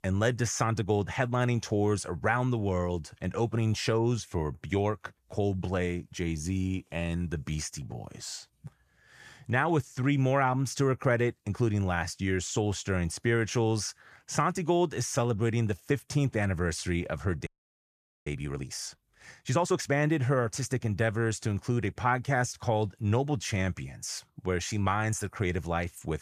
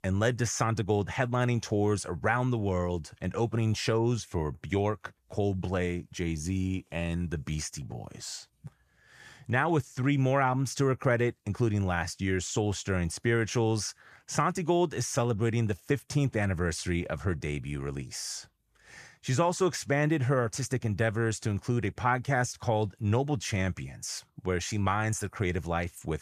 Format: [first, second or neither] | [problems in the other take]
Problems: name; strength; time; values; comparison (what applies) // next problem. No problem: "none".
second | audio freezing; at 17 s for 1 s